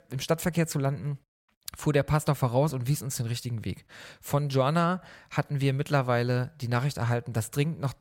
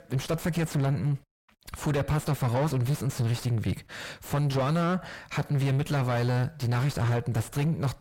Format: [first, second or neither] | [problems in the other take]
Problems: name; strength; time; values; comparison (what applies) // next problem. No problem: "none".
first | distortion; heavy; 5 dB below the speech